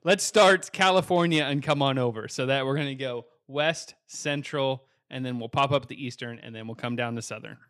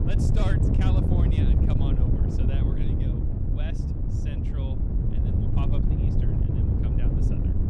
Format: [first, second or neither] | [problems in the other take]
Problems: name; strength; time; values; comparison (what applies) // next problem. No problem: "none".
first | wind noise on the microphone; heavy; 5 dB above the speech